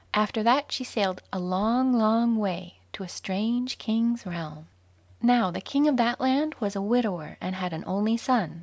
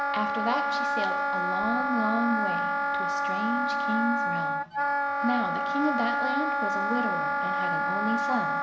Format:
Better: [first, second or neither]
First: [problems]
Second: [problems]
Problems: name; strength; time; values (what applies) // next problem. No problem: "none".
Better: first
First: none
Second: background sound (Wind instrument, woodwind instrument); 4 dB above the speech // room echo; dies away in 1.7 s